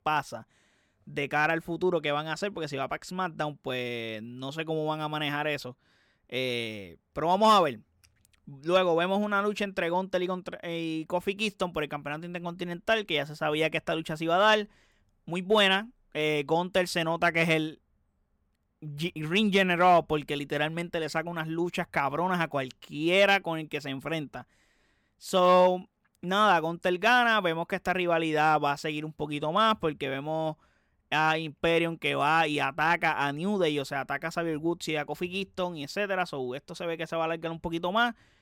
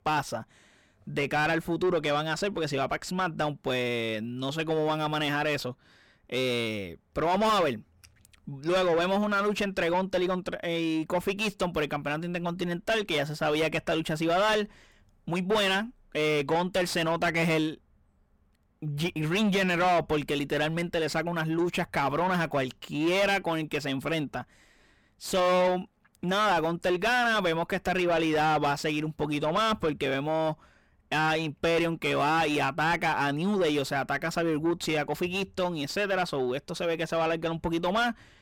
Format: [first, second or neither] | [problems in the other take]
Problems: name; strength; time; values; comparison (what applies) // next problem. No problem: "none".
first | distortion; heavy; 6 dB below the speech